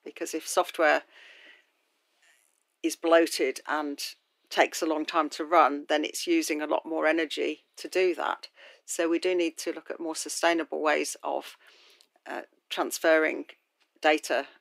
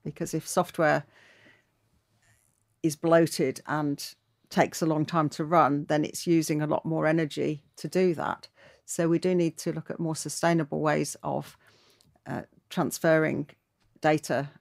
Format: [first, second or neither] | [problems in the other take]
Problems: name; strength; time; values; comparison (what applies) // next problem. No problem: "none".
second | thin; somewhat; fading below 300 Hz